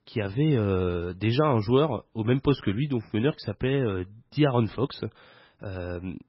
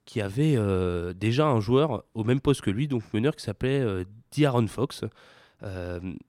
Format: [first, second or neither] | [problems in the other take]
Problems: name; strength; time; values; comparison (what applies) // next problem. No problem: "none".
second | garbled, watery; badly; nothing above 5.5 kHz